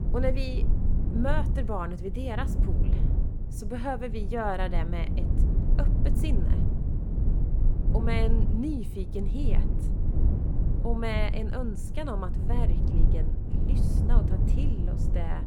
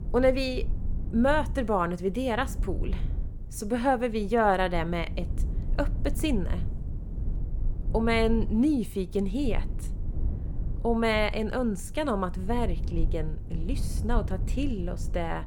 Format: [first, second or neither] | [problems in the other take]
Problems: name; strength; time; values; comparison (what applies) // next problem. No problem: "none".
second | low rumble; loud; throughout; 7 dB below the speech; faint in the second